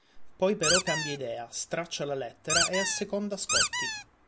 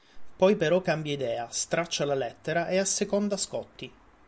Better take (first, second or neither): second